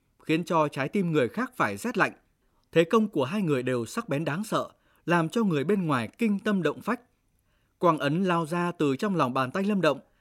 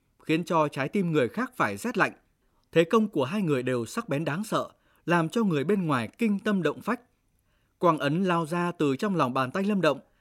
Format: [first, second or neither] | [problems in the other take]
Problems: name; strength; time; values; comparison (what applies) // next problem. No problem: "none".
neither | none